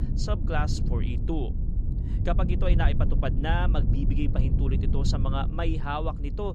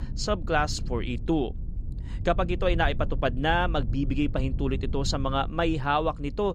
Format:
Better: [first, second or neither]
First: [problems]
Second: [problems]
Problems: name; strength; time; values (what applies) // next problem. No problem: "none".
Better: second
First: low rumble; loud; throughout; 8 dB below the speech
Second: low rumble; faint; throughout; 20 dB below the speech